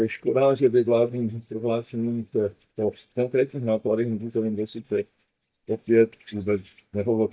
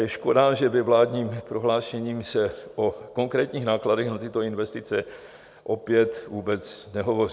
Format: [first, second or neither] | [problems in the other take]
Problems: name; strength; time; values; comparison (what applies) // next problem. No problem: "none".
second | noise reduction (neural mask model DeepFilterNet 3)